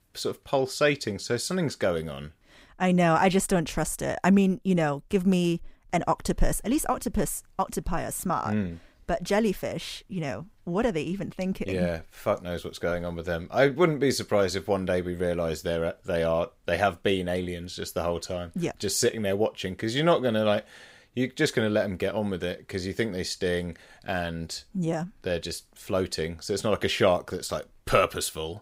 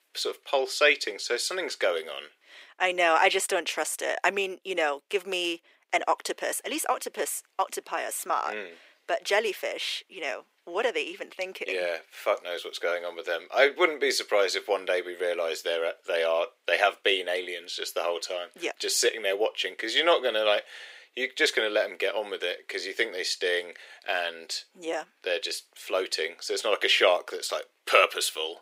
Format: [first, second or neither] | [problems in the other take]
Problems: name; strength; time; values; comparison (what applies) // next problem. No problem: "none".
first | thin; very; fading below 350 Hz